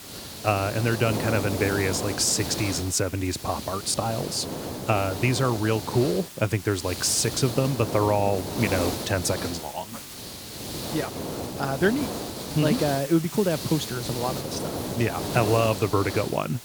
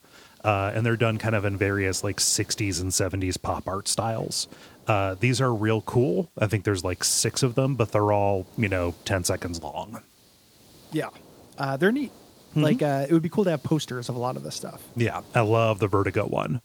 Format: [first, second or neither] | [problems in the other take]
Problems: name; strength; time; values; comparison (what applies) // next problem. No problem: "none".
second | hiss; loud; throughout; 7 dB below the speech; faint in the second